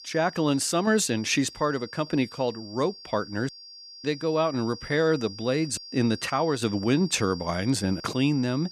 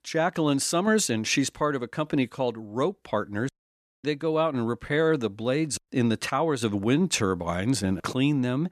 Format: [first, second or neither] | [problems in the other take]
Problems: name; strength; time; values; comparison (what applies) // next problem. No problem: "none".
second | high-pitched whine; noticeable; throughout; 4.5 kHz, 15 dB below the speech